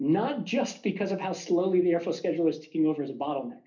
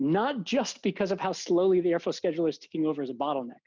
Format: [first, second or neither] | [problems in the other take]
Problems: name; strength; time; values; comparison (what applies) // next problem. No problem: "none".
second | room echo; dies away in 0.3 s